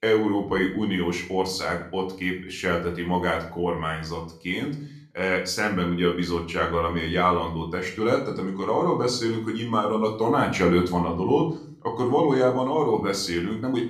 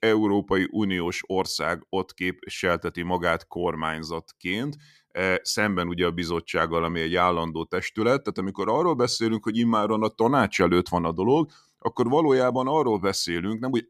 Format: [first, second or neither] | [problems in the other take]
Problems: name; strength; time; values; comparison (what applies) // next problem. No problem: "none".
second | room echo; slight; dies away in 0.4 s // off-mic speech; somewhat distant